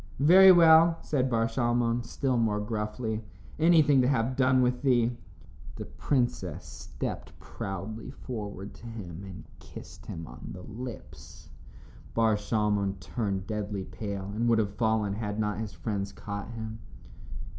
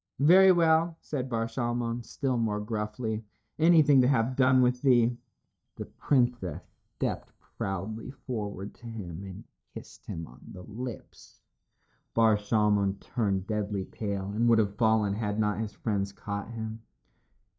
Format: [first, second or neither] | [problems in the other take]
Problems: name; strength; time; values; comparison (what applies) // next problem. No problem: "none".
first | noise reduction (neural mask model DeepFilterNet 3)